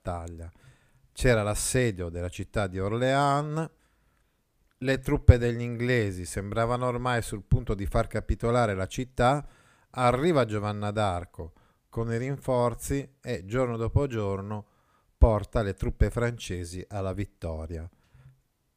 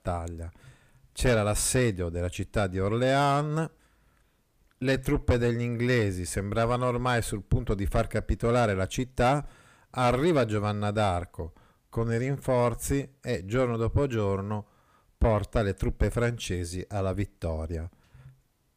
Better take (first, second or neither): first